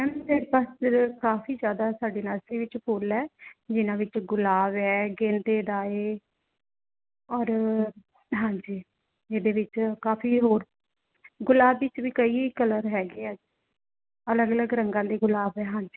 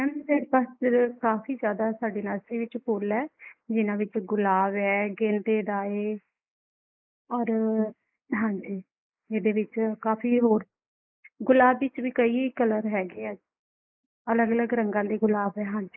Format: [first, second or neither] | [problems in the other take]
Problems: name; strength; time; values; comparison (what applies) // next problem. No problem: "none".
first | noise reduction (neural mask model Resemble Enhance denoiser)